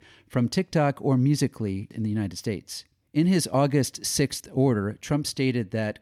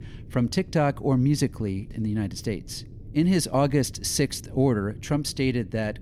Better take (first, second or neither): first